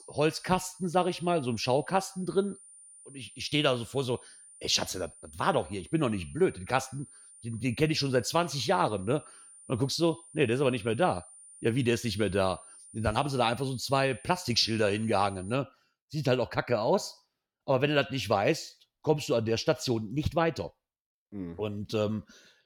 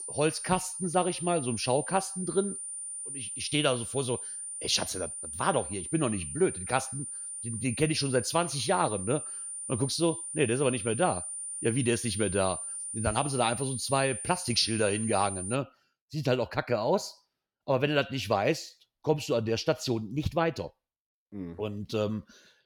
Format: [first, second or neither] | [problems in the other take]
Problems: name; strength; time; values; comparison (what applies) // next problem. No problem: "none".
first | high-pitched whine; loud; until 16 s; 9 kHz, 6 dB below the speech; faint in the first